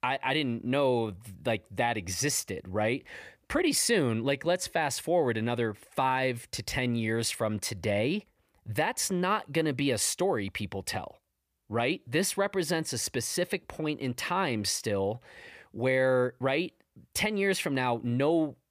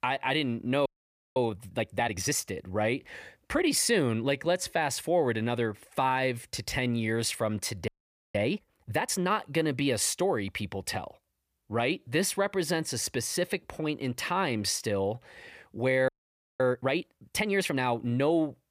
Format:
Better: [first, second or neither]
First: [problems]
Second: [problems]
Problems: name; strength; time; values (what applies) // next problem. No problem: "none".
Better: first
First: none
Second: audio freezing; at 1 s for 0.5 s, at 8 s and at 16 s for 0.5 s